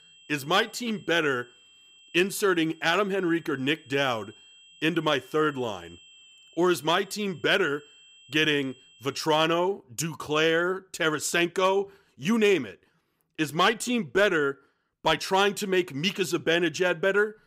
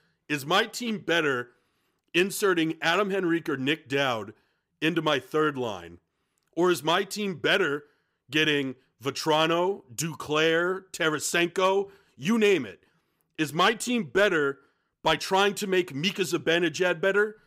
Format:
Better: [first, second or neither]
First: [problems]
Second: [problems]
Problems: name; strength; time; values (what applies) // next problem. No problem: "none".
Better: second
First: high-pitched whine; faint; until 9 s; 3 kHz, 25 dB below the speech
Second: none